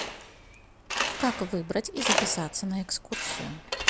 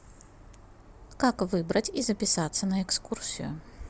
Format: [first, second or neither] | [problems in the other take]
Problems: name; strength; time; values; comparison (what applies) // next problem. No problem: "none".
second | background sound (Tools); 1 dB above the speech